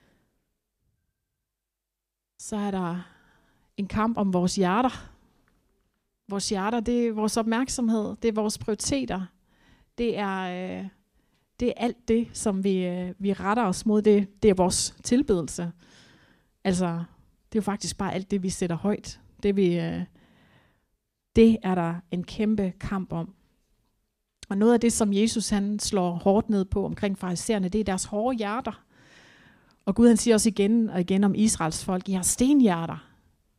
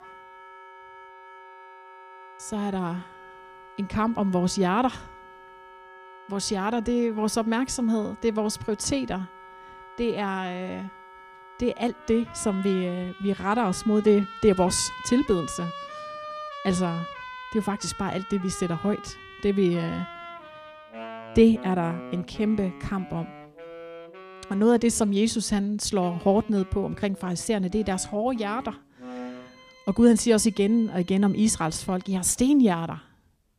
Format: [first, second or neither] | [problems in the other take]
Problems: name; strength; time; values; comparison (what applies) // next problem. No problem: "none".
first | background music; noticeable; throughout; 15 dB below the speech